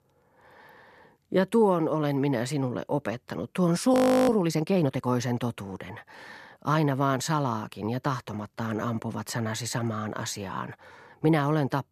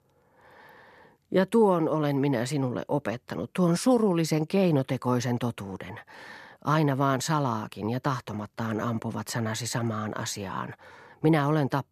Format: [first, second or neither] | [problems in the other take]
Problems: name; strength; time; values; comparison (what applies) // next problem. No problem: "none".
second | audio freezing; at 4 s